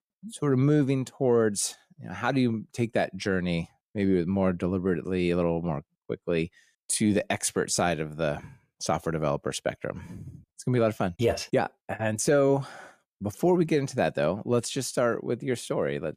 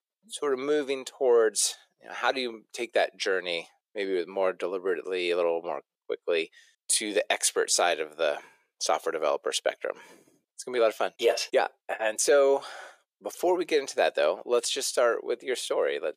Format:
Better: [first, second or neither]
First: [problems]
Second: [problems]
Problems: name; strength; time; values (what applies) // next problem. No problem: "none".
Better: first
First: none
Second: thin; very; fading below 450 Hz